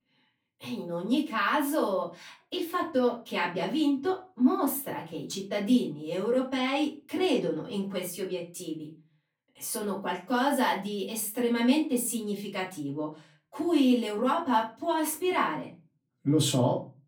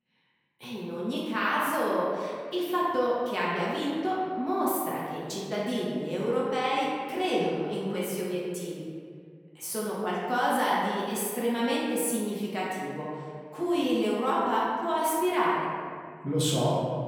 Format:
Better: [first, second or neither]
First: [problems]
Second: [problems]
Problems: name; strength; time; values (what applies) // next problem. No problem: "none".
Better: first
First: room echo; slight; dies away in 0.3 s // off-mic speech; far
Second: room echo; strong; dies away in 1.8 s // off-mic speech; far